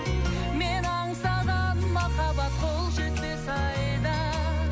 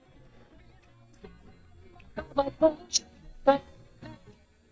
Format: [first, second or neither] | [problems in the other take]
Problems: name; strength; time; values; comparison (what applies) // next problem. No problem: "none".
first | noise reduction (neural mask model DeepFilterNet 3)